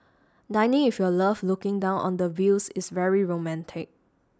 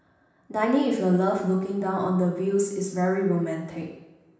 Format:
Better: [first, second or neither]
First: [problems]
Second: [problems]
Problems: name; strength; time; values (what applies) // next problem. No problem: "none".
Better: first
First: none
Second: room echo; dies away in 0.9 s